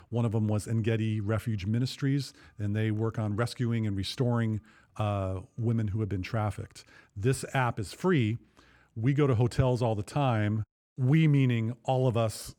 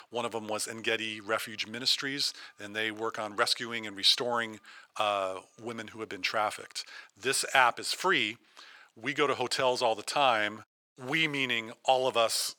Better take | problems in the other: first | thin; very; fading below 700 Hz

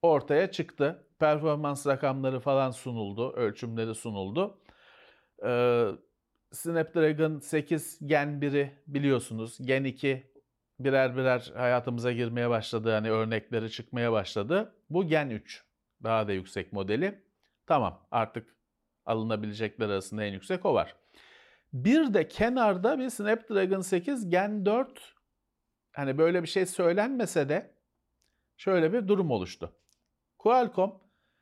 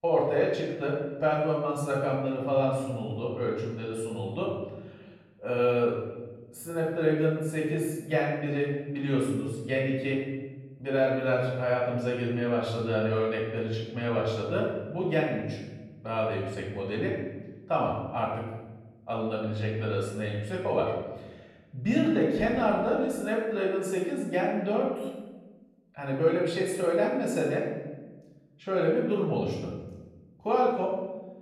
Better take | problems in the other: first | off-mic speech; far // room echo; noticeable; dies away in 1.1 s

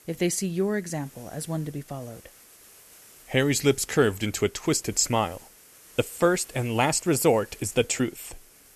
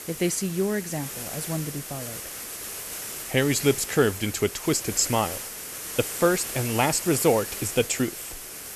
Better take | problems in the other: first | hiss; loud; throughout; 8 dB below the speech; faint in the first

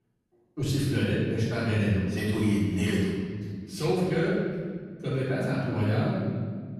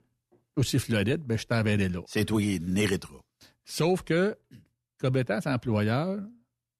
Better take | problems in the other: second | off-mic speech; far // room echo; strong; dies away in 2.2 s

